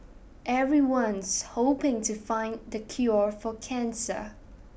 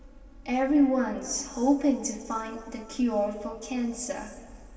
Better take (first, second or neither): first